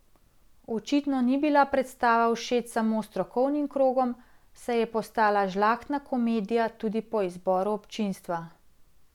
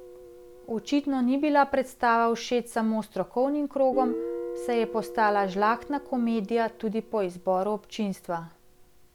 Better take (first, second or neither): first